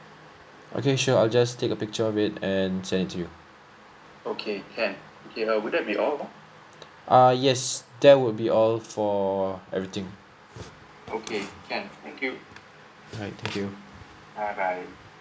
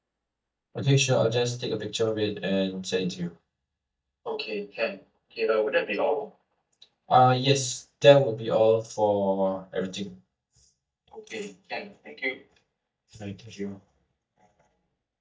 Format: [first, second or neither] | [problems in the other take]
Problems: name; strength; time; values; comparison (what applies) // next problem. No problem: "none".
first | noise reduction (neural mask model DeepFilterNet 3)